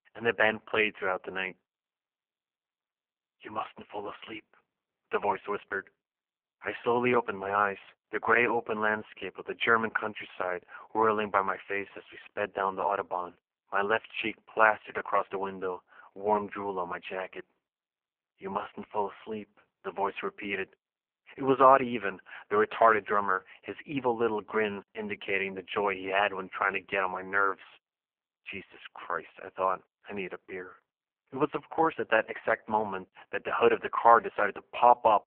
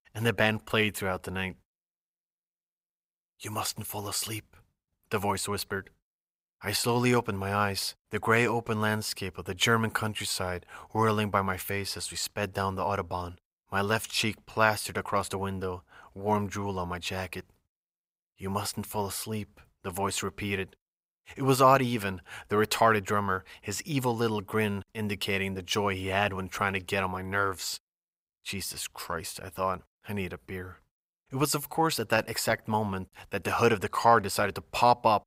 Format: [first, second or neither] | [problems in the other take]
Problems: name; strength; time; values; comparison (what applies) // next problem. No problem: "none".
second | phone-call audio; poor line